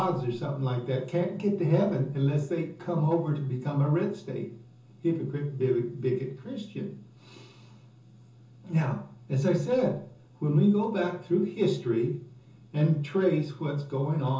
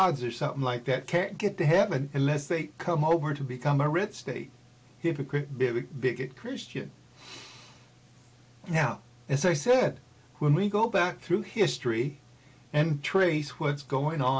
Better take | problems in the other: second | room echo; dies away in 0.6 s

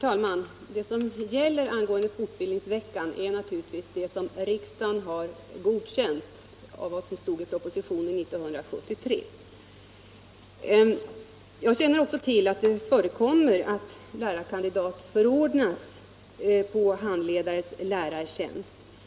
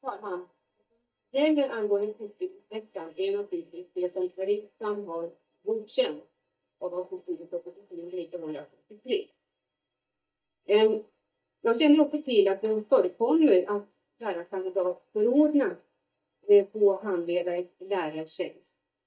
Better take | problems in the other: first | noise reduction (neural mask model DeepFilterNet 3)

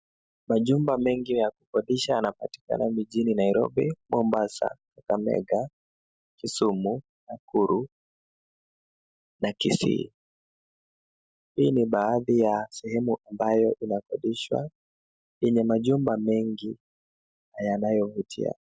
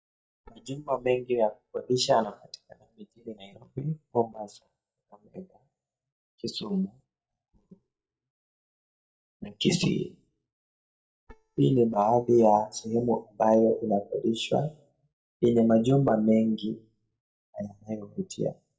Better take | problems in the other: first | noise reduction (neural mask model DeepFilterNet 3)

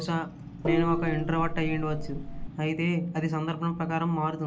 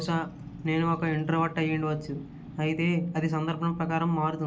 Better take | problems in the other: second | background sound (Gong); 2 dB below the speech

